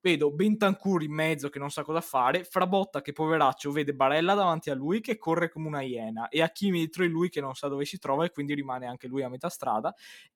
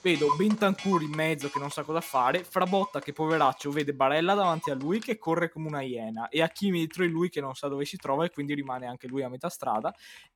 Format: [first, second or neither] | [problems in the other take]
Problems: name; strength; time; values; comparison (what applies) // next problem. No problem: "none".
first | household noises; loud; throughout; 9 dB below the speech